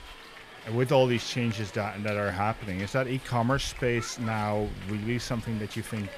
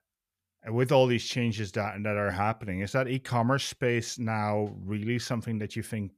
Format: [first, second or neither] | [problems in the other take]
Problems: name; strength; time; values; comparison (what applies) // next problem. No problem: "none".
second | hiss; noticeable; throughout; 15 dB below the speech